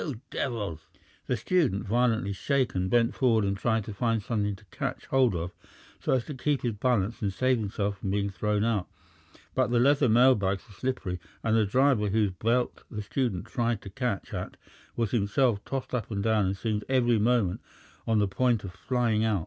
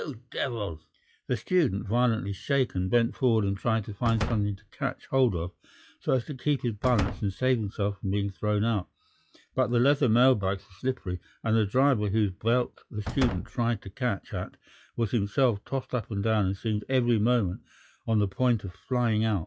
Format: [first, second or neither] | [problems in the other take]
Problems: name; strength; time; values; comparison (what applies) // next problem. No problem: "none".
first | noise reduction (classical method log-MMSE)